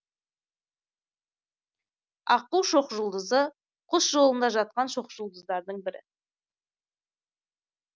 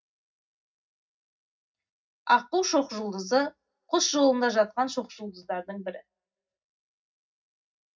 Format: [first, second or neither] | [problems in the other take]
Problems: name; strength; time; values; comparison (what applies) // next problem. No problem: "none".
first | room echo; dies away in 0.4 s